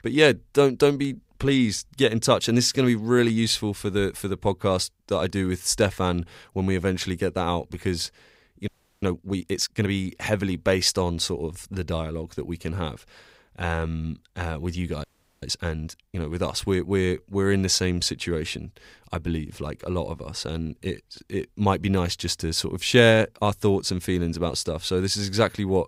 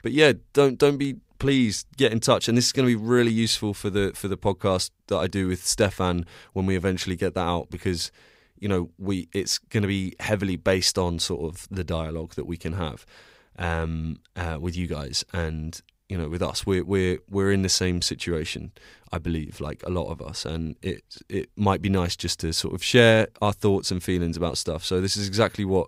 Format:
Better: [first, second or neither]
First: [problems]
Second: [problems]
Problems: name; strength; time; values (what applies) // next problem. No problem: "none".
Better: second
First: audio freezing; at 8.5 s and at 15 s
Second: none